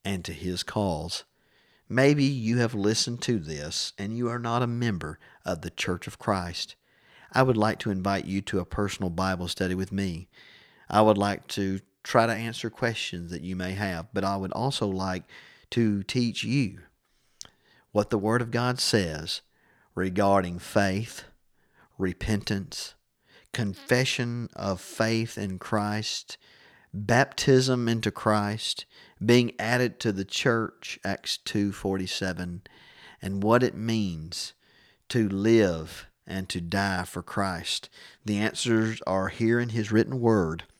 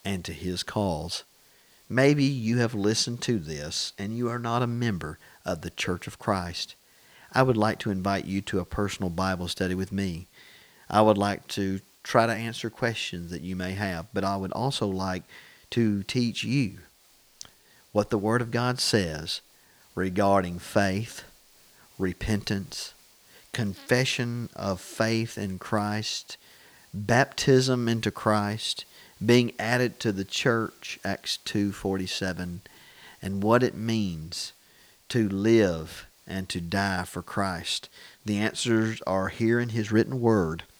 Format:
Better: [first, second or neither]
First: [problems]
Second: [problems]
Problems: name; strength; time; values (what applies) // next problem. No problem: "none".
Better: first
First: none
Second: hiss; faint; throughout; 30 dB below the speech